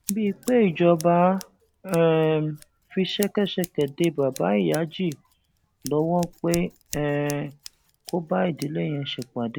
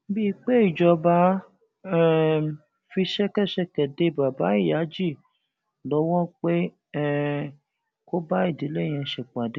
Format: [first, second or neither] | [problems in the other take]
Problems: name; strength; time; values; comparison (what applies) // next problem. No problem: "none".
second | background sound (Scissors); 19 dB below the speech